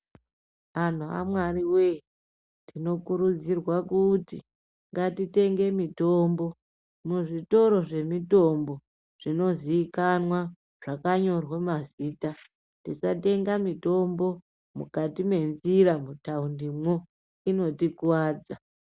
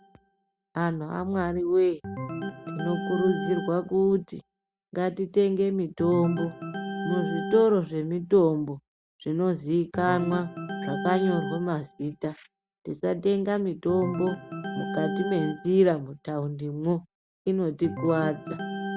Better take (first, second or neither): first